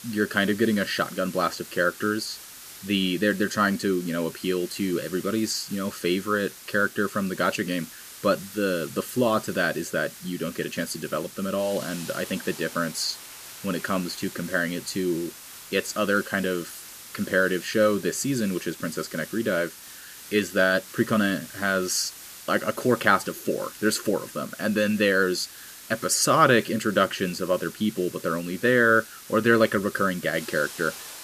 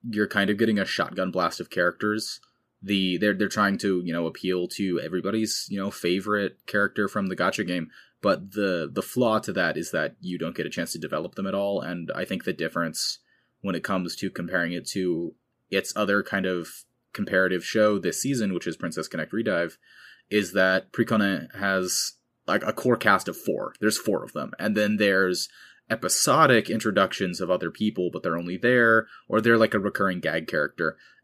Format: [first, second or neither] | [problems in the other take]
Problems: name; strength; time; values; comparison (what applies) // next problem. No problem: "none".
second | hiss; noticeable; throughout; 15 dB below the speech